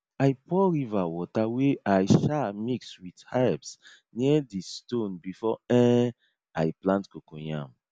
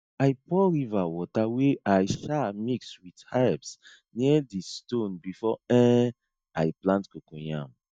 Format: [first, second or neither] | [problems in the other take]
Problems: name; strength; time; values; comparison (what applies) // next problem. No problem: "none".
first | noise reduction (neural mask model DeepFilterNet 3)